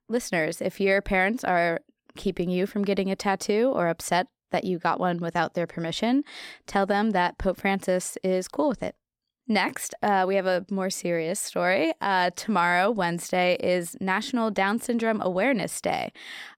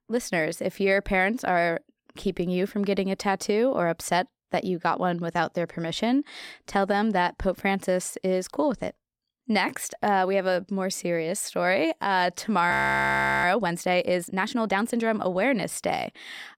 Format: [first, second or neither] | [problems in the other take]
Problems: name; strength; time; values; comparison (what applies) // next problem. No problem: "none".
first | audio freezing; at 13 s for 0.5 s